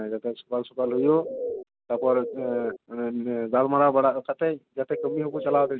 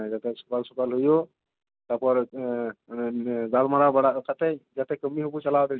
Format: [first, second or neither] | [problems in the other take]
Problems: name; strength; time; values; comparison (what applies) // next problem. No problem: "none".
second | background sound (Bird); 6 dB below the speech